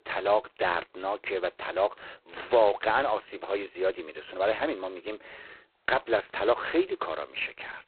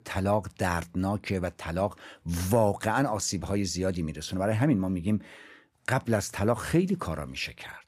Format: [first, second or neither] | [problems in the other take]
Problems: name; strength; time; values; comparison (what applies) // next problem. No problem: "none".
second | phone-call audio; poor line; nothing above 4 kHz